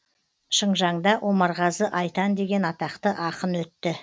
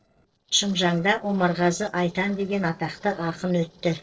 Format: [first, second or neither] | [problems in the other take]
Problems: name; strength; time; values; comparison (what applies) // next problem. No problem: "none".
first | noise reduction (neural separator model SepFormer DNS4)